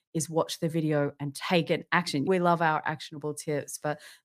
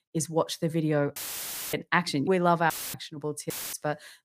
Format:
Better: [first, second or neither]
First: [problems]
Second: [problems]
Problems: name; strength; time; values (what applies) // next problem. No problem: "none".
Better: first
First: none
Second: audio cutting out; filled with static; at 1 s for 0.5 s, at 2.5 s and at 3.5 s